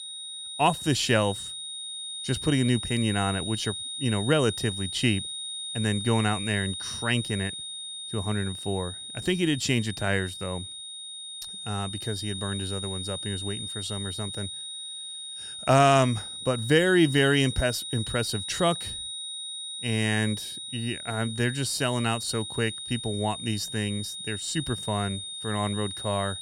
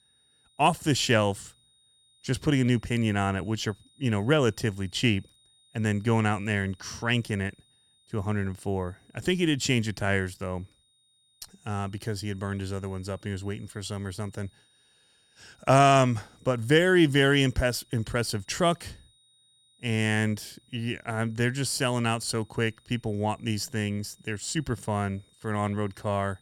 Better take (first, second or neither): second